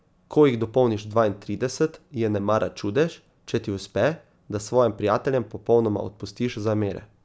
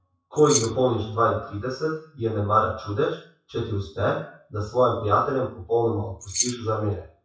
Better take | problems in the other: first | noise reduction (classical method WPE with log-MMSE)

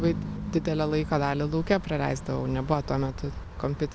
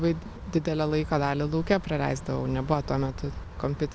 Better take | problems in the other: second | background sound (Bass guitar); 12 dB below the speech

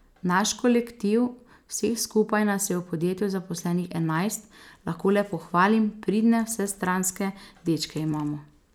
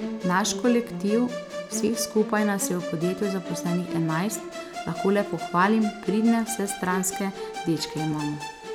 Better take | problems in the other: first | background sound (Musical instrument); 8 dB below the speech

